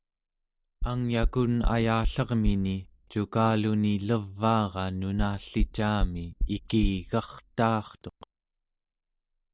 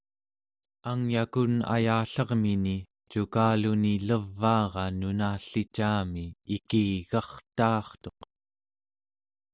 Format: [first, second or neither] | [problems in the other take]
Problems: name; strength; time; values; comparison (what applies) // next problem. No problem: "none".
second | background sound (Knock); 5 dB below the speech